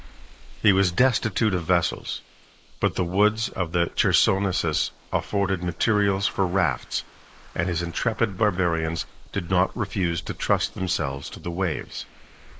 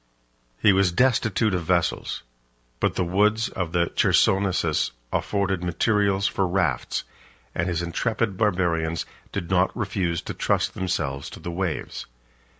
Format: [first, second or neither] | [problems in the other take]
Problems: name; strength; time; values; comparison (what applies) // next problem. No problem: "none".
second | noise reduction (neural mask model Resemble Enhance denoiser)